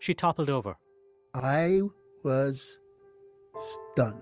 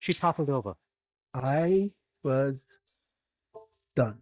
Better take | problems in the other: first | noise reduction (neural mask model DeepFilterNet 3)

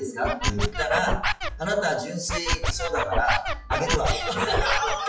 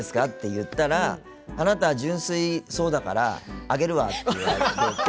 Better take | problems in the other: second | noise reduction (classical method WPE with log-MMSE)

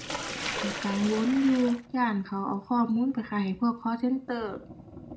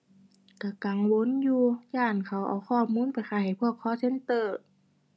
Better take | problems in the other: second | background sound (Sink (filling or washing)); 11 dB below the speech // room echo; dies away in 0.3 s

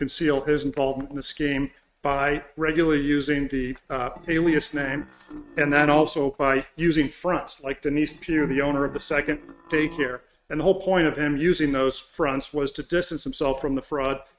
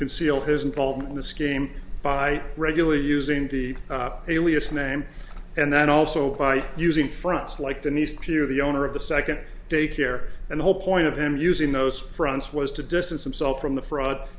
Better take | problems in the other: second | noise reduction (neural mask model RNNoise)

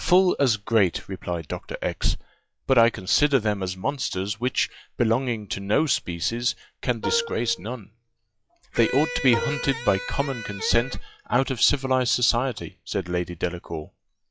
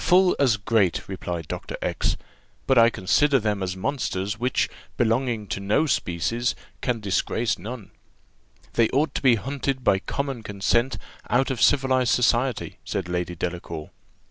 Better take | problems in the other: second | noise reduction (classical method log-MMSE)

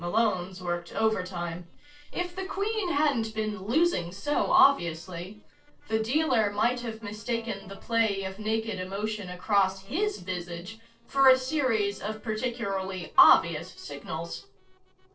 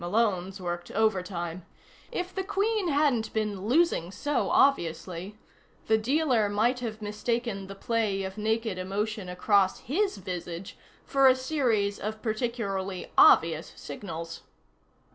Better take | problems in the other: second | noise reduction (neural separator model SepFormer DNS4)

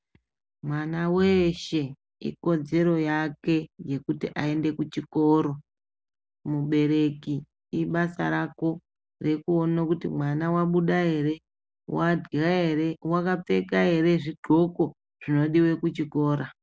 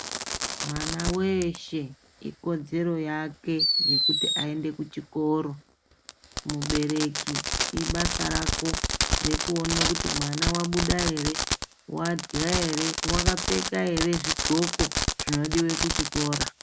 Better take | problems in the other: first | background sound (Fireworks); as loud as the speech

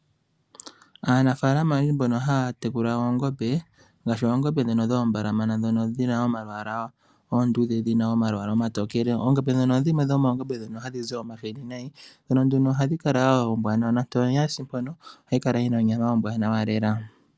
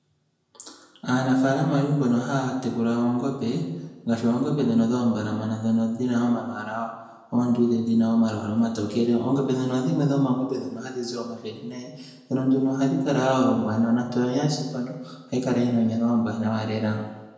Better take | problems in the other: first | room echo; dies away in 0.9 s

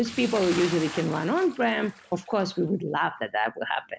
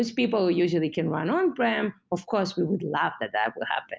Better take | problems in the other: second | background sound (Bathtub (filling or washing) / Splash, splatter); 15 dB below the speech

